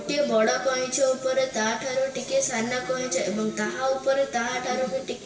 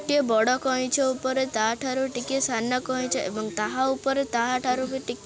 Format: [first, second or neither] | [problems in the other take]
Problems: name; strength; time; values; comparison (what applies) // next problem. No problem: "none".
second | room echo; dies away in 0.9 s